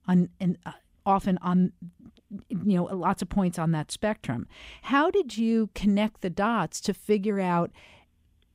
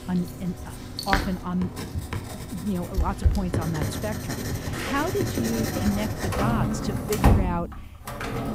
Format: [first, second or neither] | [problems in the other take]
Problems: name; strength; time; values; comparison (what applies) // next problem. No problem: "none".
first | household noises; very loud; throughout; 2 dB above the speech